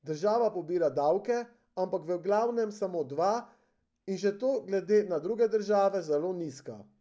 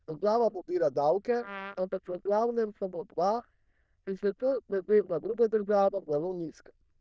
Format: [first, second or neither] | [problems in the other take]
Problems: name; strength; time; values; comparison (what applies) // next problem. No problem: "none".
first | noise reduction (neural diffusion model UNIVERSE++)